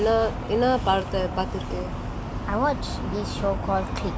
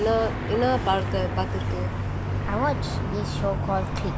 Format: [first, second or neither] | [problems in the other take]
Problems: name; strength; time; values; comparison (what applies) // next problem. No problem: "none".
first | background sound (Aircraft); 4 dB below the speech